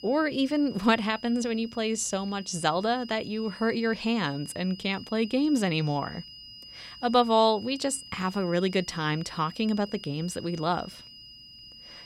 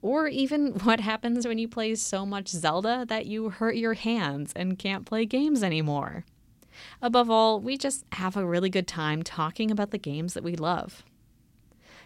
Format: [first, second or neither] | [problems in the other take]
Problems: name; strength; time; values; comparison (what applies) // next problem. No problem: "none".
second | high-pitched whine; noticeable; throughout; 5 kHz, 15 dB below the speech